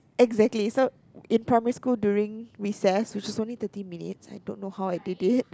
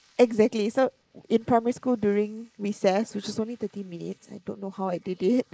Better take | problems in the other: first | noise reduction (neural mask model Resemble Enhance denoiser)

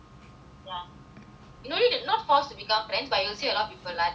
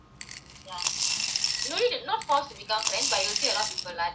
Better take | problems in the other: first | background sound (Coin (dropping) / Glass); as loud as the speech

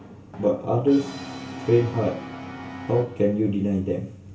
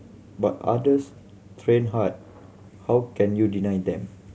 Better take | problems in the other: second | background sound (Brass instrument); 14 dB below the speech // room echo; dies away in 0.3 s

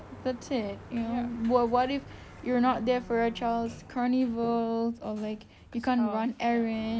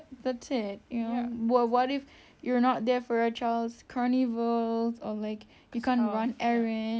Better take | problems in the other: second | background sound (Livestock, farm animals, working animals + Sliding door); 17 dB below the speech

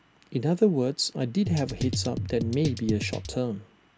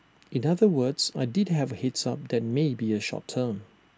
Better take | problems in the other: second | background sound (Drum kit); 5 dB below the speech

